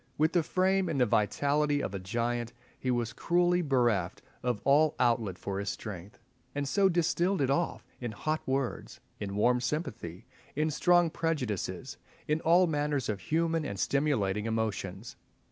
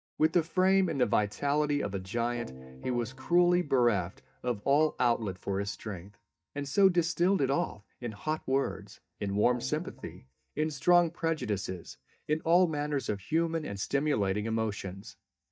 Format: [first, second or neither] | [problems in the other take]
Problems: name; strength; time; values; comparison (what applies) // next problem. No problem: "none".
first | noise reduction (neural mask model DeepFilterNet 3)